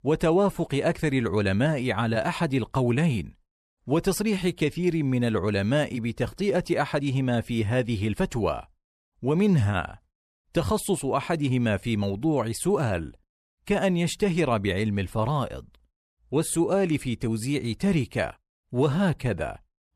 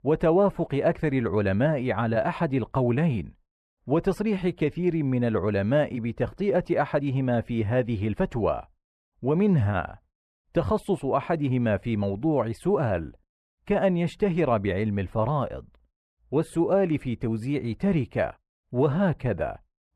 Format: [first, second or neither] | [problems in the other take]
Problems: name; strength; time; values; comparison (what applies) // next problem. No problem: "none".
first | muffled; very; fading above 3.5 kHz